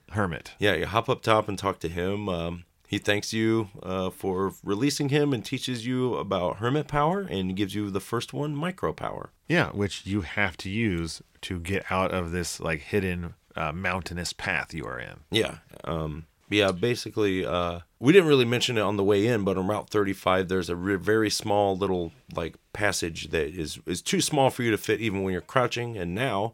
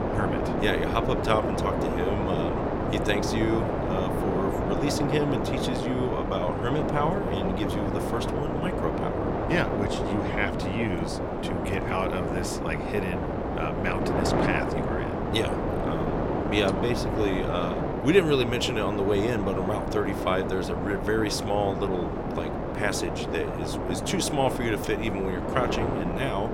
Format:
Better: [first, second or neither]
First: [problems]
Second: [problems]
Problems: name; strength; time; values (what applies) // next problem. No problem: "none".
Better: first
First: none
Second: wind noise on the microphone; heavy; as loud as the speech